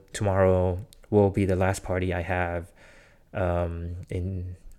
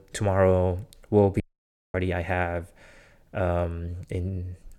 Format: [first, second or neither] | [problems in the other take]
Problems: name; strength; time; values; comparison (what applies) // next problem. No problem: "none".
first | audio cutting out; at 1.5 s for 0.5 s